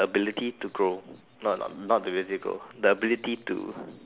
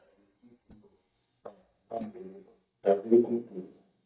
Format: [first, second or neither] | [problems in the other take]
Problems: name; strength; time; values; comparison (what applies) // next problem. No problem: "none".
first | noise reduction (neural mask model DeepFilterNet 3)